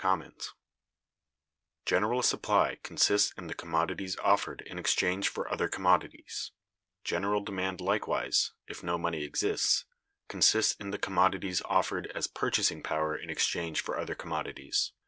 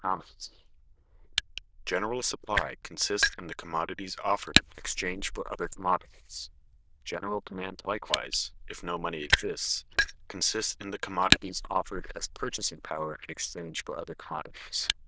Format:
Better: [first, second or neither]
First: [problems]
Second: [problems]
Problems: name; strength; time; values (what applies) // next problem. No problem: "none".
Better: first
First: none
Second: noise reduction (neural diffusion model UNIVERSE++)